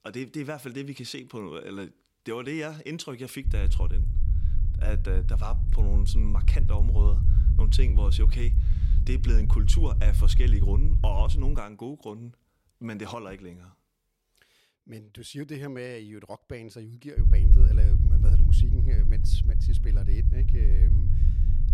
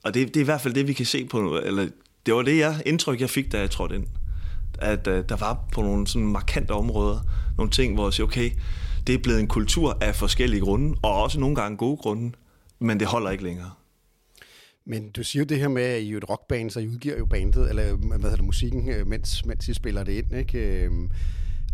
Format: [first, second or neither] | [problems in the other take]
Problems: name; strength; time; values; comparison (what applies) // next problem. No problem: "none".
second | low rumble; loud; from 3.5 to 12 s and from 17 s on; 5 dB below the speech; faint in the second